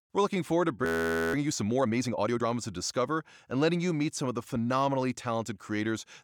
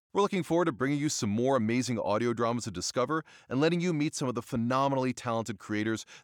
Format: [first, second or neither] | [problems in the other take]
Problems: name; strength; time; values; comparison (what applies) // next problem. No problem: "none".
second | audio freezing; at 1 s